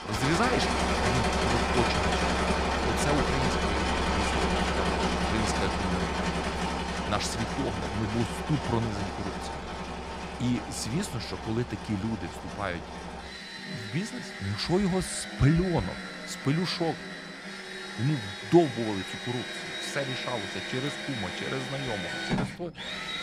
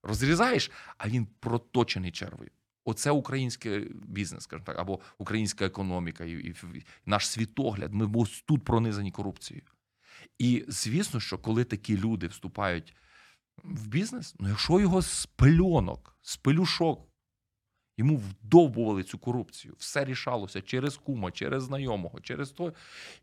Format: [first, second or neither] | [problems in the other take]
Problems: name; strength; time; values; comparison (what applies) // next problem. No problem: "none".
second | machinery noise; very loud; throughout; as loud as the speech